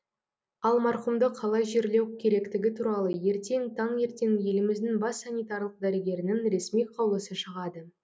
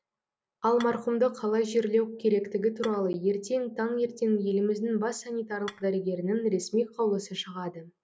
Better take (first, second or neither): first